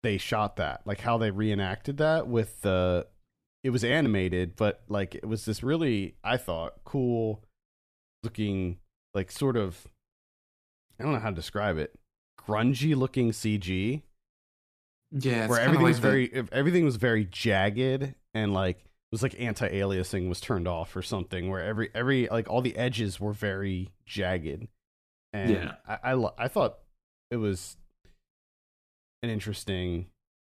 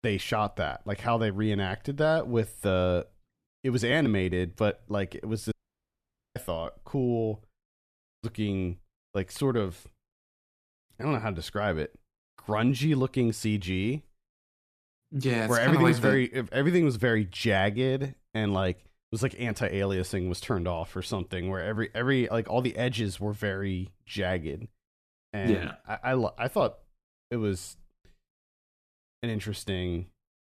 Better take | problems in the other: first | audio cutting out; at 5.5 s for 1 s

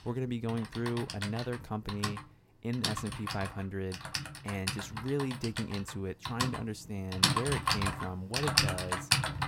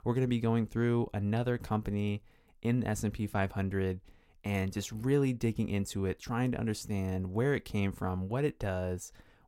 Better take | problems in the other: second | household noises; very loud; throughout; 4 dB above the speech

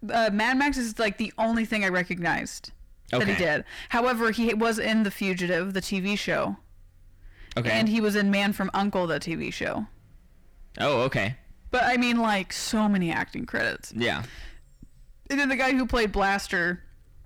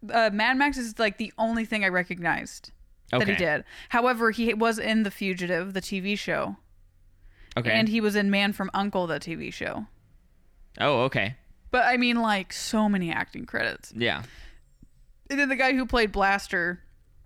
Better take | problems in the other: second | distortion; slight; 10 dB below the speech

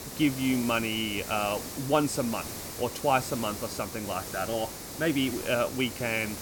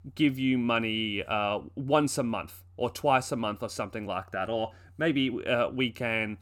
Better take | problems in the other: second | hiss; loud; throughout; 8 dB below the speech

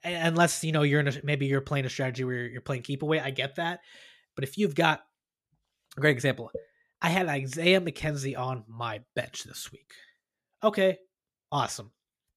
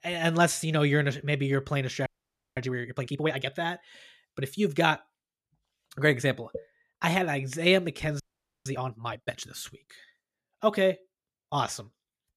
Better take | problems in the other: first | audio freezing; at 2 s for 0.5 s and at 8 s

